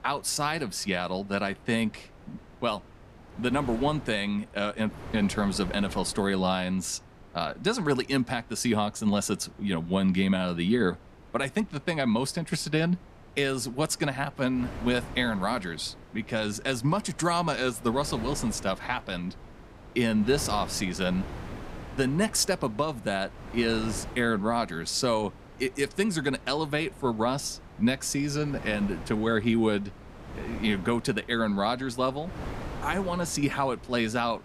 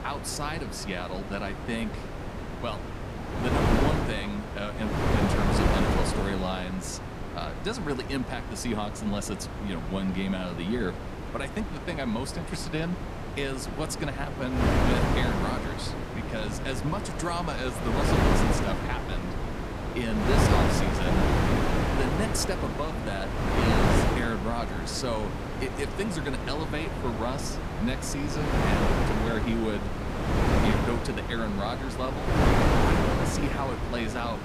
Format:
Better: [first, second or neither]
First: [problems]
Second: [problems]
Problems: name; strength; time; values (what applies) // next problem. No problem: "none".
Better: first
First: wind noise on the microphone; occasional gusts; 15 dB below the speech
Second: wind noise on the microphone; heavy; 2 dB above the speech